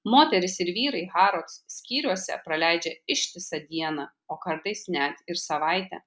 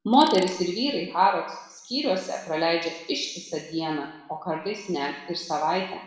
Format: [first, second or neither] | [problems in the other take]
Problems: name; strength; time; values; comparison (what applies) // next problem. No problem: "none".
first | background sound (Tools); 15 dB below the speech // room echo; dies away in 0.9 s